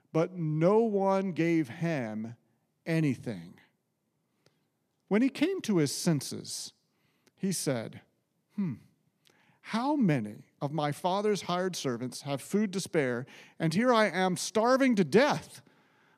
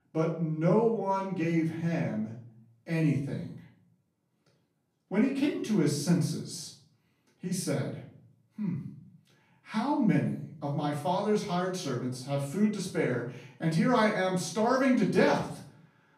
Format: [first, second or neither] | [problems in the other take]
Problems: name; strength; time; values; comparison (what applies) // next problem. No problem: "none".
first | off-mic speech; far // room echo; noticeable; dies away in 0.5 s